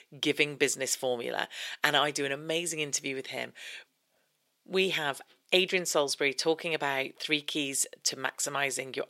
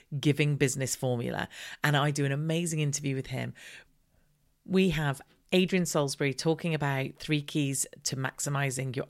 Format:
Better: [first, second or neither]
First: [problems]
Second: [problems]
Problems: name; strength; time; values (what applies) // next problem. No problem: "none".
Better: second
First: thin; somewhat; fading below 450 Hz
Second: none